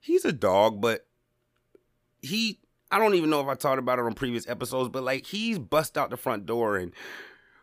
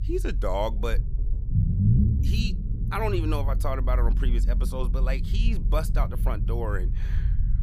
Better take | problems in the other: first | low rumble; loud; throughout; 9 dB below the speech

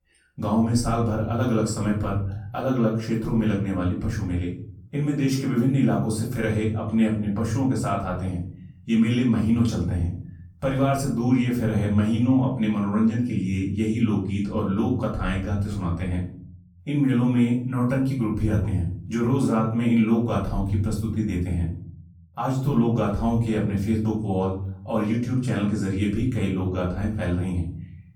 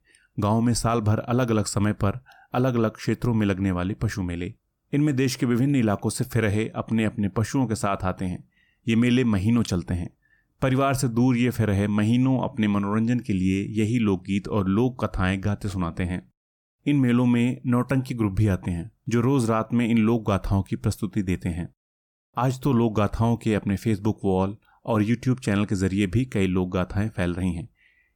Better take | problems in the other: second | off-mic speech; far // room echo; noticeable; dies away in 0.7 s

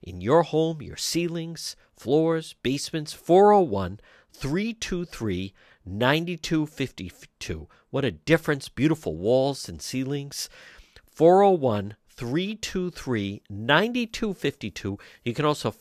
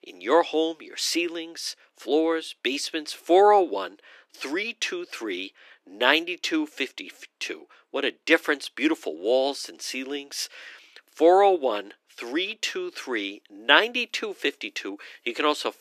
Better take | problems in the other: first | thin; somewhat; fading below 300 Hz

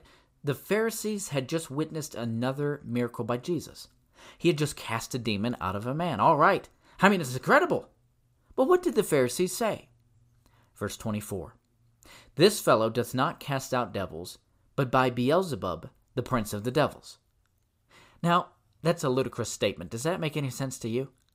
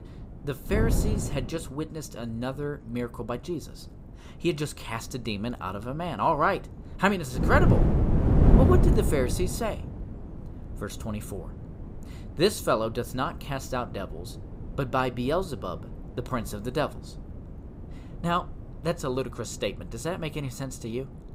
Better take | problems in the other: first | wind noise on the microphone; heavy; 6 dB below the speech

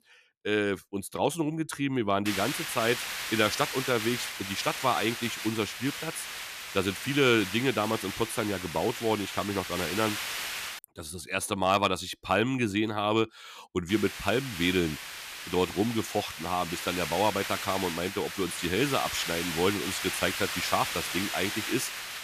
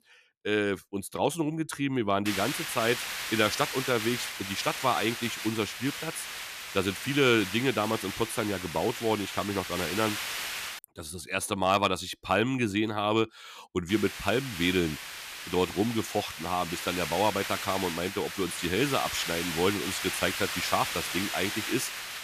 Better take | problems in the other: neither | hiss; loud; from 2.5 to 11 s and from 14 s on; 5 dB below the speech; the same in both

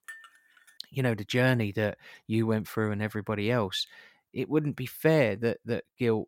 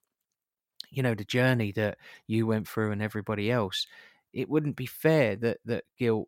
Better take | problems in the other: second | clattering dishes; faint; at the start; peak 15 dB below the speech

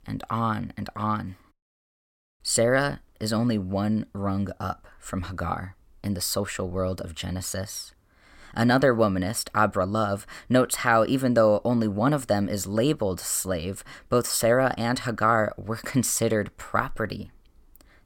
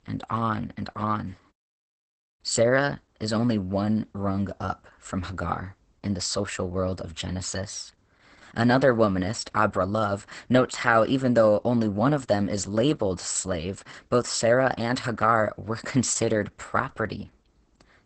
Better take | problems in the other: first | garbled, watery; badly; nothing above 8 kHz

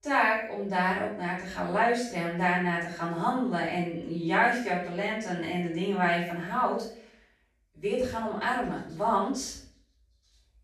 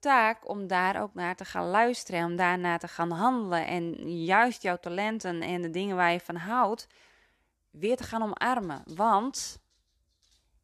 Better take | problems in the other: second | off-mic speech; far // room echo; noticeable; dies away in 0.5 s

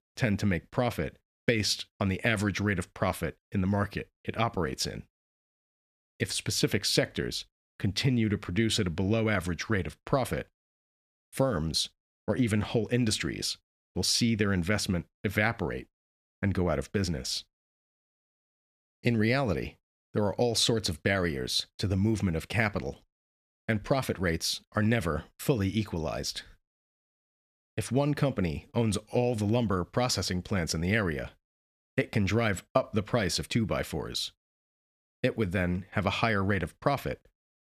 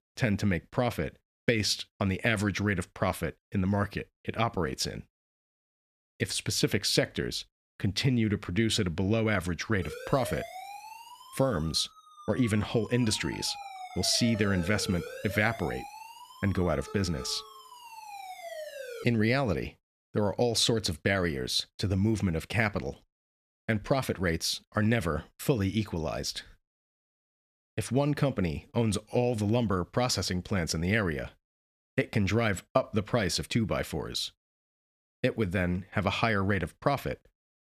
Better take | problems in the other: first | siren; faint; from 10 to 19 s; peak 10 dB below the speech

